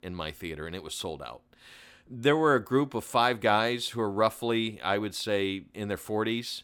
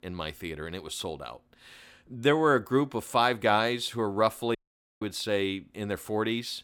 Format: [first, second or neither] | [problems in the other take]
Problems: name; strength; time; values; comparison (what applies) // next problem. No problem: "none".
first | audio cutting out; at 4.5 s